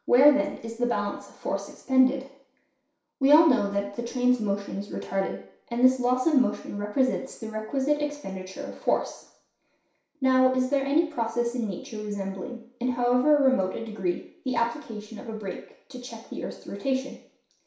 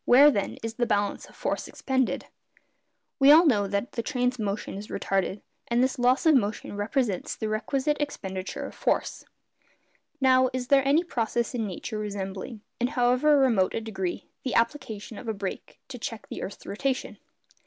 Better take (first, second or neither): second